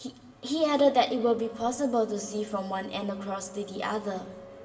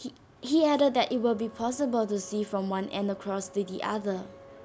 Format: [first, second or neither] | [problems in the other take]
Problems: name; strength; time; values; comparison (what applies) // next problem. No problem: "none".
second | room echo; dies away in 1.9 s